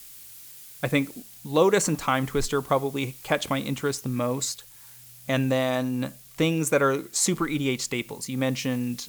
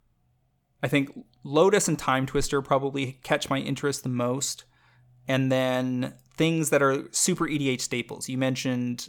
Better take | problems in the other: second | hiss; noticeable; throughout; 20 dB below the speech

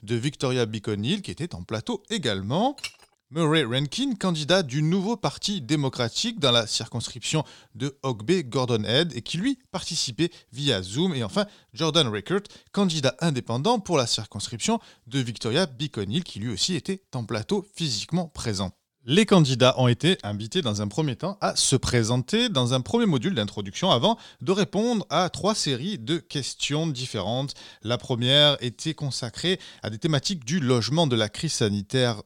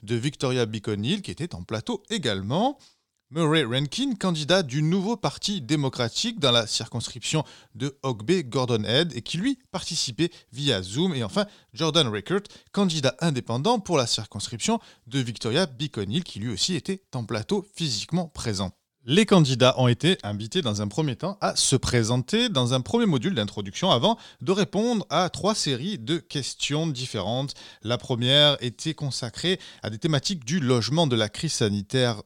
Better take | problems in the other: second | clattering dishes; faint; at 3 s; peak 10 dB below the speech

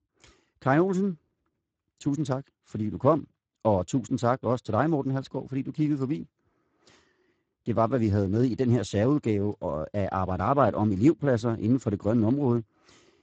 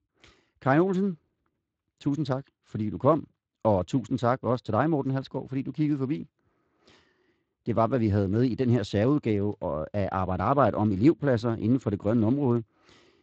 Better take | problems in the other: second | garbled, watery; badly; nothing above 7.5 kHz; slightly in the second

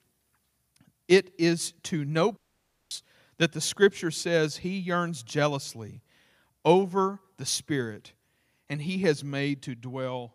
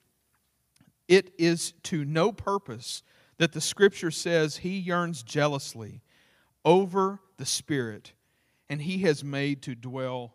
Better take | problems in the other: second | audio cutting out; at 2.5 s for 0.5 s

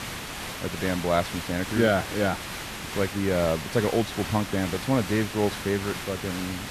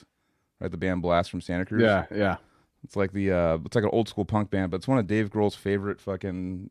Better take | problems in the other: second | hiss; loud; throughout; 7 dB below the speech

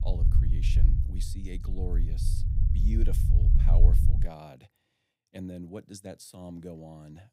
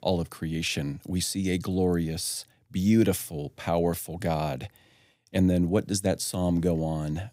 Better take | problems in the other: second | low rumble; loud; until 4 s; as loud as the speech

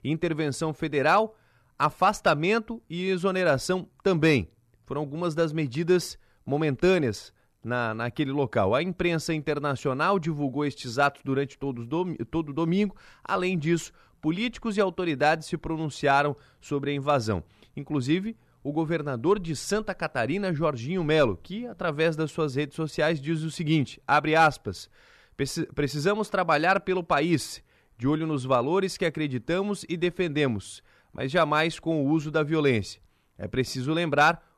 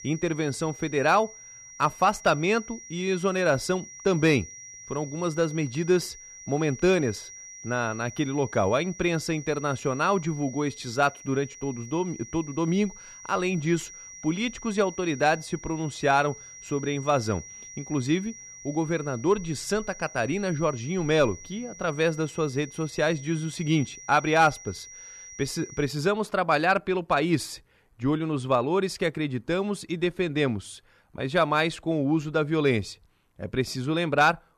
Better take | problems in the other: first | high-pitched whine; noticeable; until 26 s; 6 kHz, 15 dB below the speech

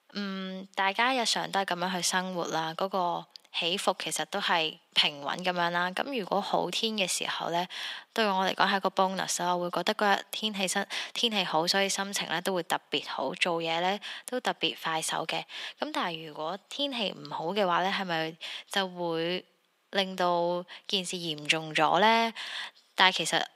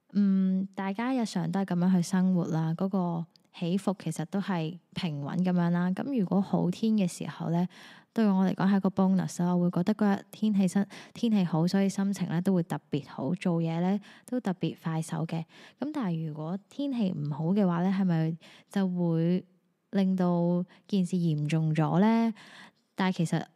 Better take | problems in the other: second | thin; very; fading below 700 Hz

